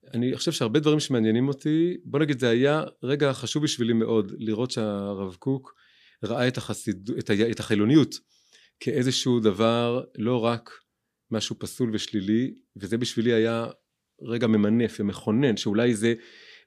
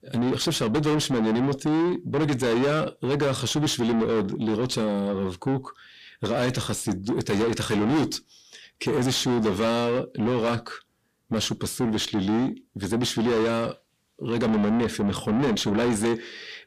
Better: first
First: none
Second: distortion; heavy; 6 dB below the speech

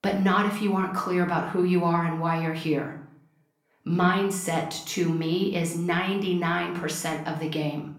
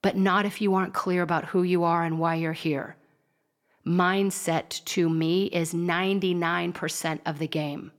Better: second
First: room echo; slight; dies away in 0.5 s // off-mic speech; somewhat distant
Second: none

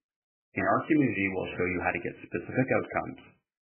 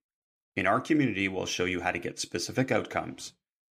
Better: second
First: garbled, watery; badly; nothing above 2.5 kHz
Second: none

